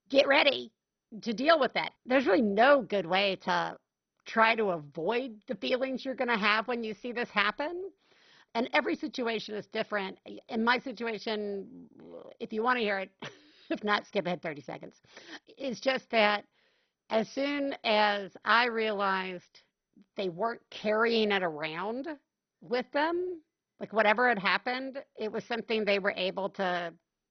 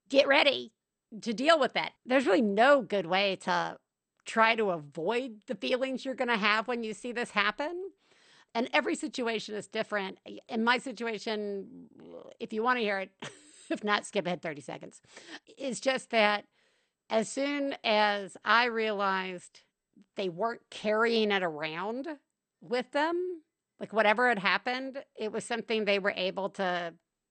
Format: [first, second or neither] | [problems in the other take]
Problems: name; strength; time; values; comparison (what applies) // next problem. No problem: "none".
second | garbled, watery; badly; nothing above 6 kHz; slightly in the second